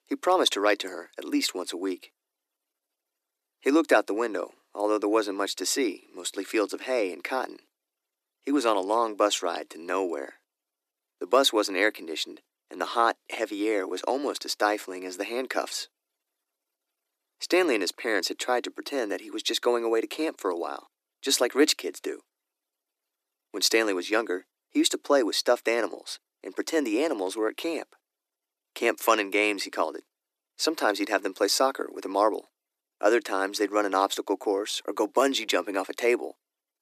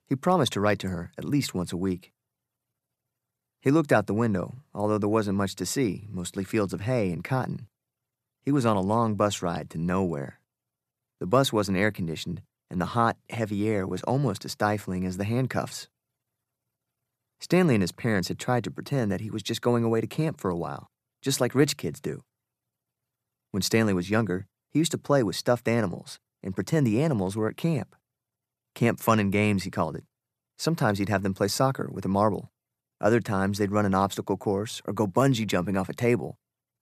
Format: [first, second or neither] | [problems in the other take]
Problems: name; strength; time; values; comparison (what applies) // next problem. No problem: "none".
second | thin; somewhat; fading below 300 Hz